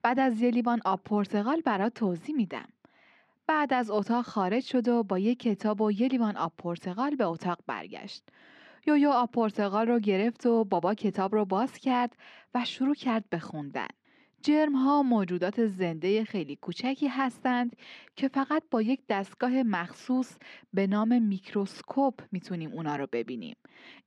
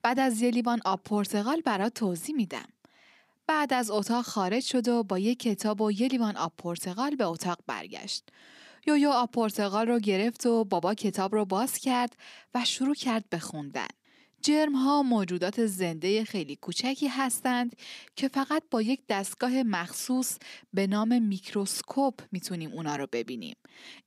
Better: second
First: muffled; slightly; fading above 2.5 kHz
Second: none

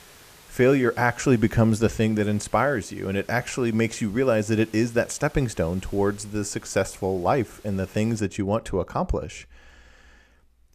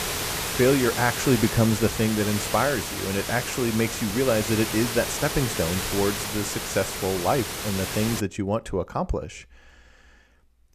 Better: first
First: hiss; faint; until 8 s; 25 dB below the speech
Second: hiss; loud; until 8 s; 4 dB below the speech

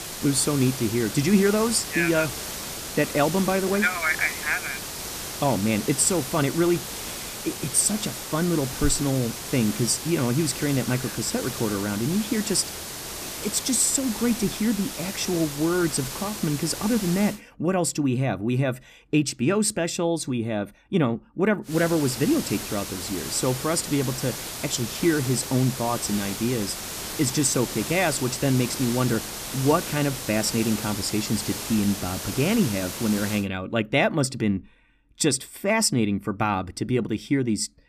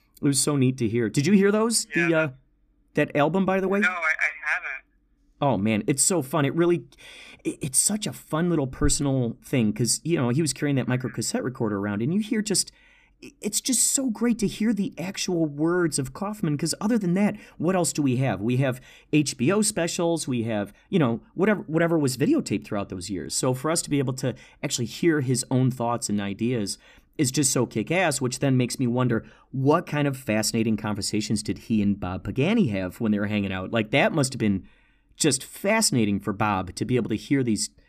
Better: second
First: hiss; loud; until 17 s and from 22 to 33 s; 7 dB below the speech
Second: none

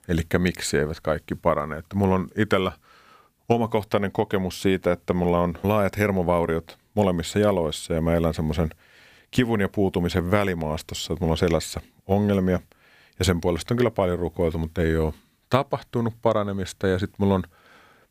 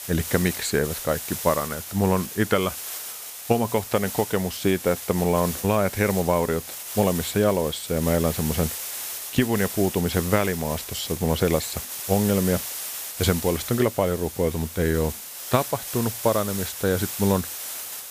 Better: first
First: none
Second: hiss; loud; throughout; 7 dB below the speech

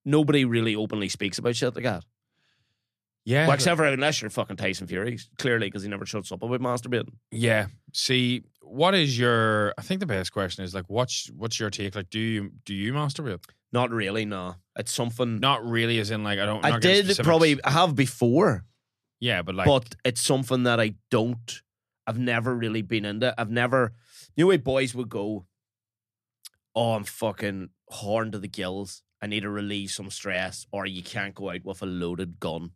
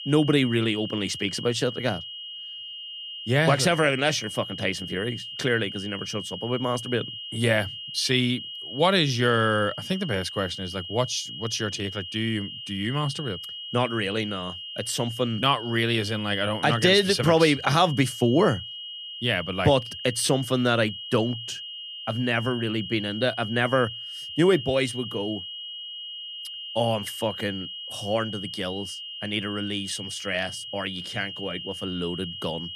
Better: first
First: none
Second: high-pitched whine; loud; throughout; 3 kHz, 9 dB below the speech

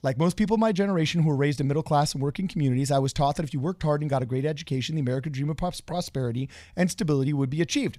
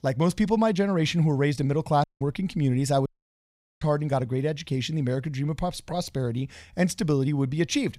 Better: first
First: none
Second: audio cutting out; at 2 s and at 3 s for 1 s

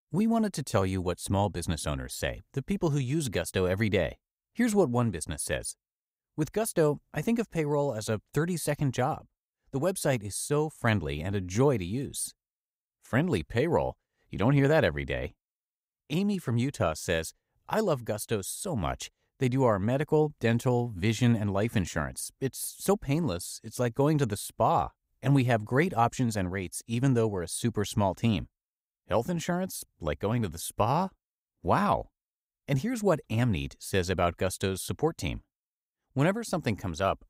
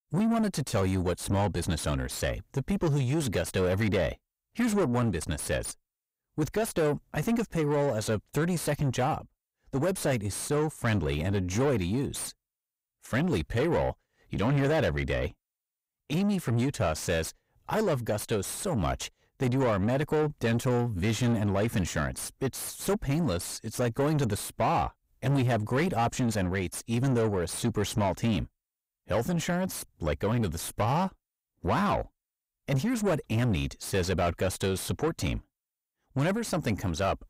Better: first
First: none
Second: distortion; heavy; 7 dB below the speech

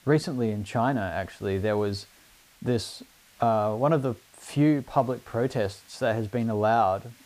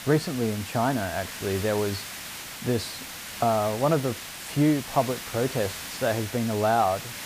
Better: first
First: hiss; faint; throughout; 30 dB below the speech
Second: hiss; loud; throughout; 9 dB below the speech

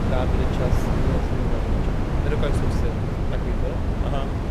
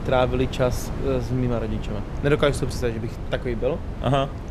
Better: second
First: wind noise on the microphone; heavy; 4 dB above the speech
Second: wind noise on the microphone; occasional gusts; 10 dB below the speech

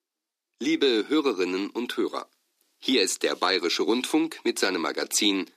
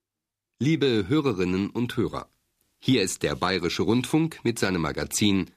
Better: second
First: thin; very slightly; fading below 300 Hz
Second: none

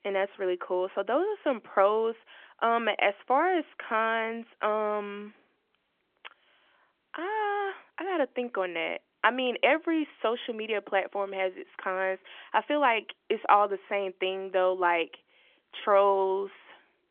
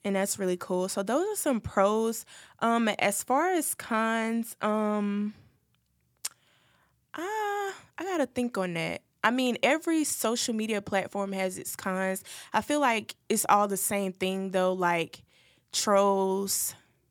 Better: second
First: phone-call audio; nothing above 3.5 kHz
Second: none

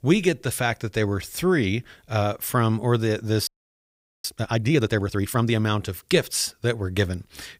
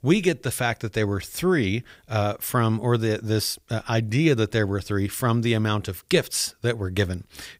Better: second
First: audio freezing; at 3.5 s for 1 s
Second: none

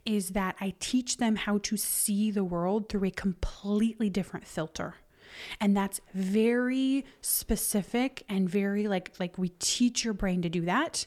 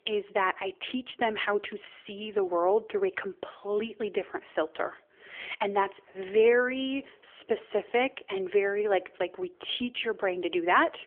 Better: first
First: none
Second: phone-call audio; nothing above 3.5 kHz

